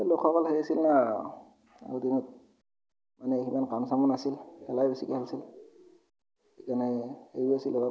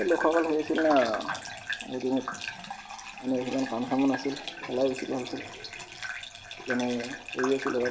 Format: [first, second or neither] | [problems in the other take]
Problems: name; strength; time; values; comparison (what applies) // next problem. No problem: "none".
first | background sound (Bathtub (filling or washing) / Gurgling); 8 dB below the speech